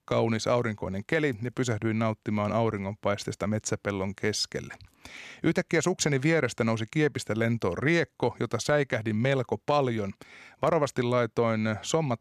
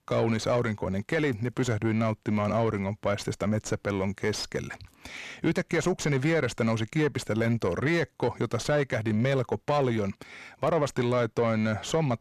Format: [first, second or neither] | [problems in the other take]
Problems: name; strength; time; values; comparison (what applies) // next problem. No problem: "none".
first | distortion; slight; 10 dB below the speech